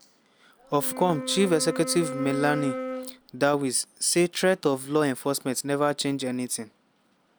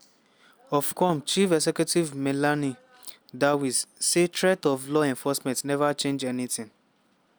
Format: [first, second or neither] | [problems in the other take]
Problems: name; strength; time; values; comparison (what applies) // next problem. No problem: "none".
second | background sound (Wind instrument, woodwind instrument); 8 dB below the speech